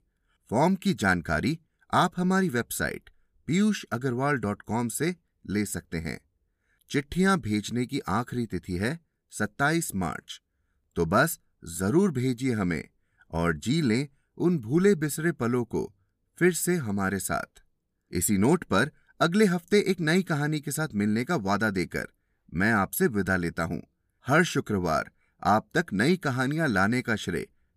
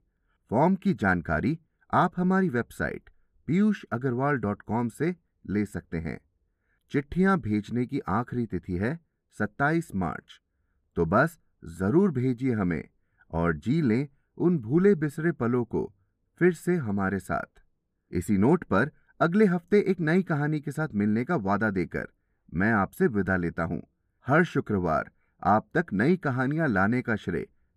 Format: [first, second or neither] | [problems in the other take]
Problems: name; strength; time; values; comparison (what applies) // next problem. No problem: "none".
first | muffled; very; fading above 3 kHz